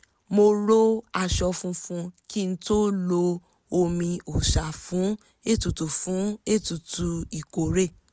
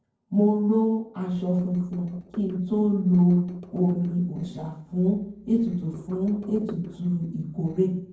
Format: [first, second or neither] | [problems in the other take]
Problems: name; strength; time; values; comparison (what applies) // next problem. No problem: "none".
first | noise reduction (neural separator model SepFormer DNS4)